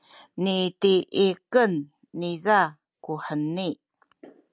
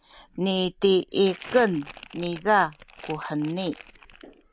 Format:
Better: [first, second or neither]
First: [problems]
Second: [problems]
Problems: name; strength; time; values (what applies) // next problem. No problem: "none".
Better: first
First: none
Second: background sound (Crumpling, crinkling); 20 dB below the speech